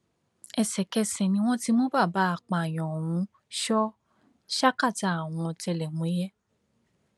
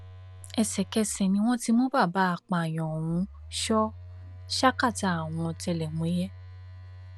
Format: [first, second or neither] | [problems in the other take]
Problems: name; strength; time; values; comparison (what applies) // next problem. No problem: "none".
first | background sound (Telephone); 17 dB below the speech